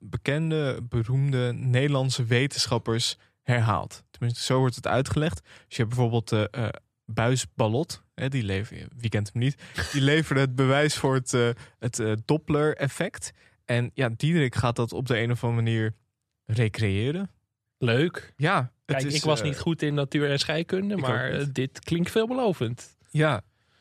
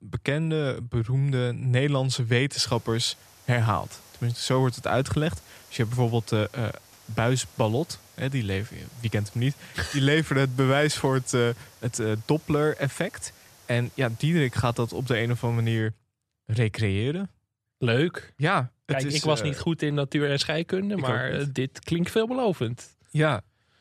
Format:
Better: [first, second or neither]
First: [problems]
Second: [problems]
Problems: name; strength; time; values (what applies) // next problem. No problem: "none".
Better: first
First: none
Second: hiss; faint; from 2.5 to 16 s; 25 dB below the speech